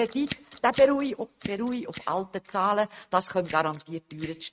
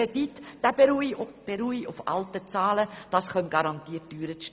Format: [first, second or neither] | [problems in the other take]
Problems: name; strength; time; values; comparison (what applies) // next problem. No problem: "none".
second | noise reduction (neural mask model RNNoise)